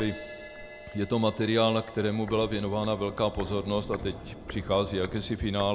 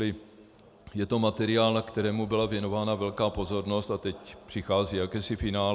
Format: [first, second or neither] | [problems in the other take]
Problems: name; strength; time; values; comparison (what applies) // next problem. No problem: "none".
second | background sound (Walk, footsteps + Crash cymbal); 14 dB below the speech